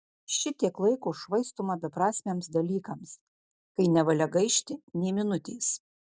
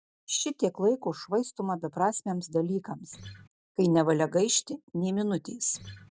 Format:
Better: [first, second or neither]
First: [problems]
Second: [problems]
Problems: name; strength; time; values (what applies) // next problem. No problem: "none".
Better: first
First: none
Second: background sound (Acoustic guitar); 17 dB below the speech